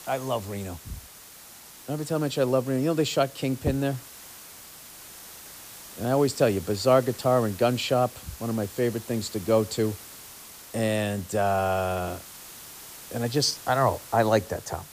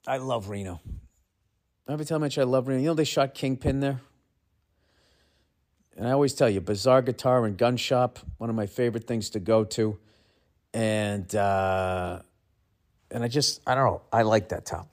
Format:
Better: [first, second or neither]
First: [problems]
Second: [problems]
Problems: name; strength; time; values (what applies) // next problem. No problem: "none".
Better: second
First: hiss; noticeable; throughout; 15 dB below the speech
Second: none